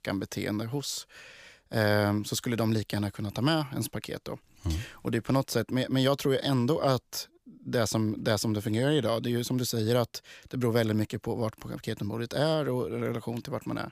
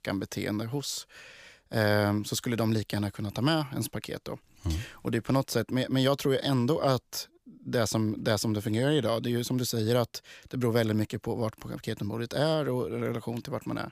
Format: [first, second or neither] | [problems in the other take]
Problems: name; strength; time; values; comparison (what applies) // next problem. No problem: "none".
neither | none